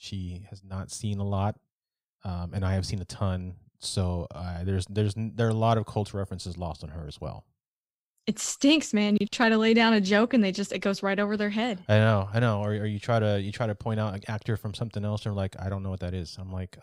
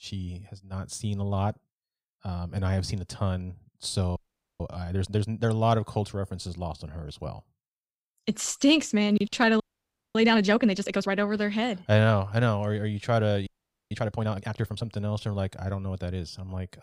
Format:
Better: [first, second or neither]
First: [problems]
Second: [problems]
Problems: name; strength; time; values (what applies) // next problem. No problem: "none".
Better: first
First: none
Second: audio freezing; at 4 s, at 9.5 s for 0.5 s and at 13 s